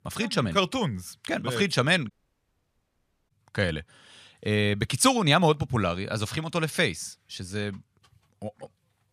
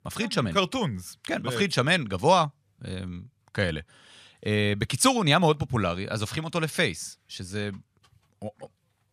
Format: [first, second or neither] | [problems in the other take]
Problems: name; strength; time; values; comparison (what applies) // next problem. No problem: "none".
second | audio cutting out; at 2 s for 1 s